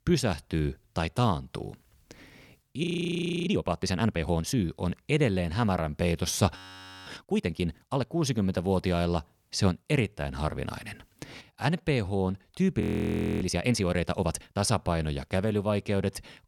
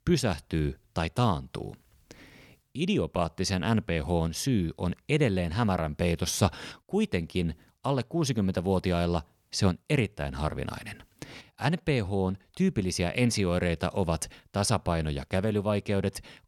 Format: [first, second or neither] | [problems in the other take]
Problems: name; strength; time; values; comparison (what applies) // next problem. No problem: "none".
second | audio freezing; at 3 s for 0.5 s, at 6.5 s for 0.5 s and at 13 s for 0.5 s